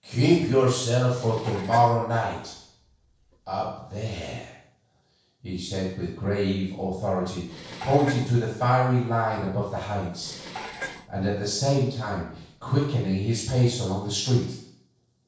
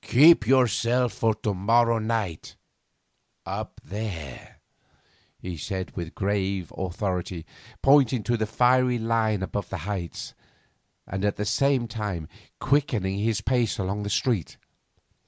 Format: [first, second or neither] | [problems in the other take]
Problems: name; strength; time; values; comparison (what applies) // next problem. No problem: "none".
second | noise reduction (neural separator model SepFormer DNS4)